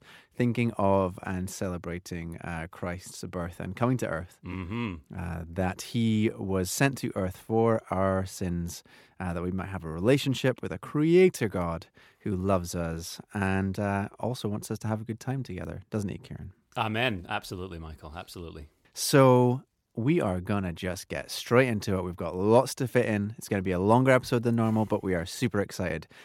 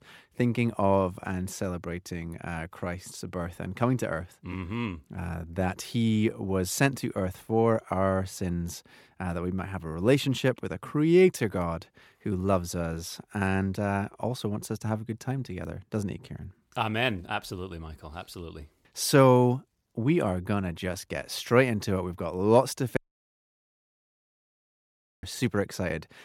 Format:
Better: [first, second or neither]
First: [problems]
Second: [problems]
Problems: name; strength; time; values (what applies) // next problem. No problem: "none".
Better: first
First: none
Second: audio cutting out; at 23 s for 2.5 s